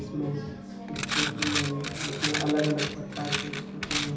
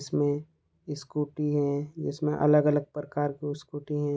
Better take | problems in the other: second | background sound (Coin (dropping)); 1 dB below the speech // room echo; dies away in 0.6 s

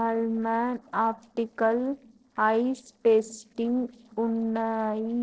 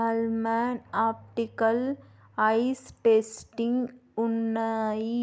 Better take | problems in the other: second | noise reduction (neural separator model SepFormer DNS4)

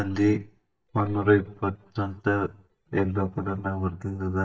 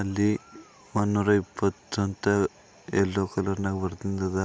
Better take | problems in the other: second | noise reduction (neural mask model DeepFilterNet 3)

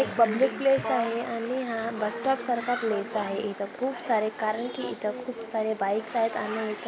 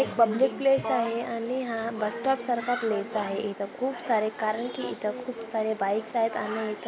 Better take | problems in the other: second | background sound (Bicycle); 17 dB below the speech

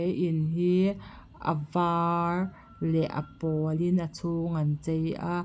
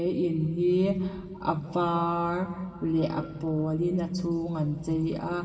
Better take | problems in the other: first | room echo; dies away in 2.2 s

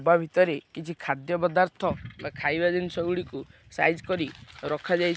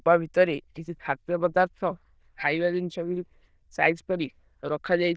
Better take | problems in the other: first | noise reduction (neural diffusion model UNIVERSE++)

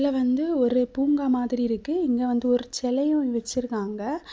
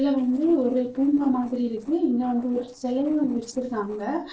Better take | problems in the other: first | noise reduction (neural separator model SepFormer DNS4)

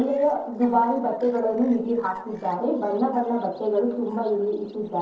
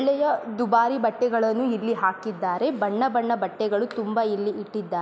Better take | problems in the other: second | noise reduction (neural separator model SepFormer DNS4)

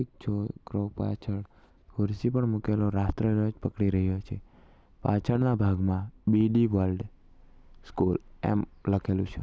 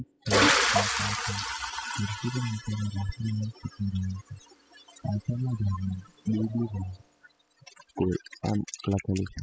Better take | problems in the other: first | noise reduction (classical method spectral subtraction)

